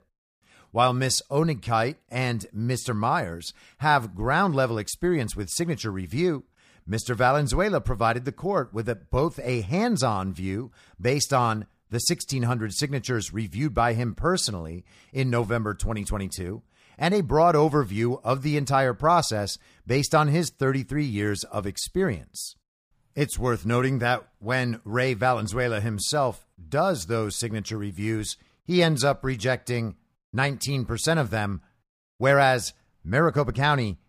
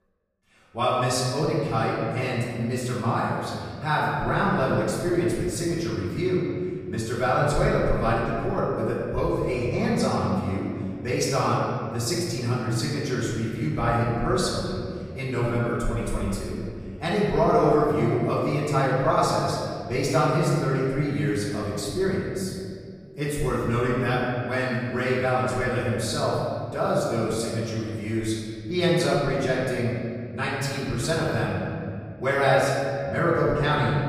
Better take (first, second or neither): first